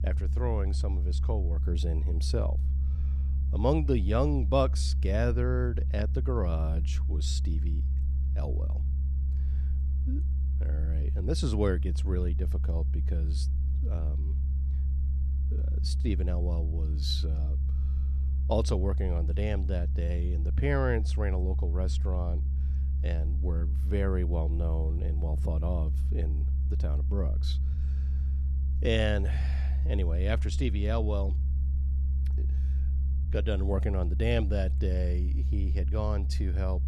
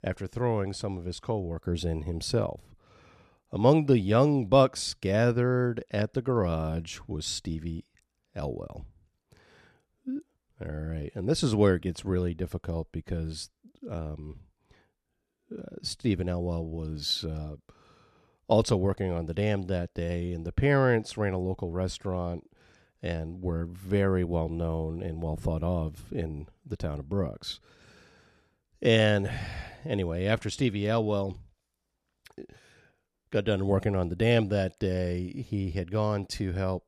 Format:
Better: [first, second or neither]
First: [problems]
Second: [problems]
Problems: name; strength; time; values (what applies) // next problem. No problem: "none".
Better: second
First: low rumble; noticeable; throughout; 10 dB below the speech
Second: none